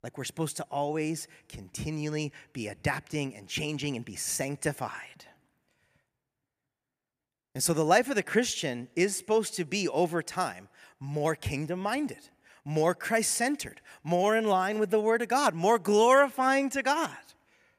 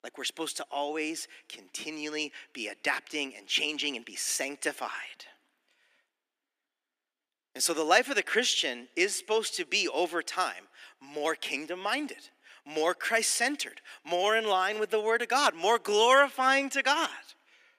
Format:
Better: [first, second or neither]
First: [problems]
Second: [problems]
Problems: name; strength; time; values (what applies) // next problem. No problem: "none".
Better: first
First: none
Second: thin; somewhat; fading below 250 Hz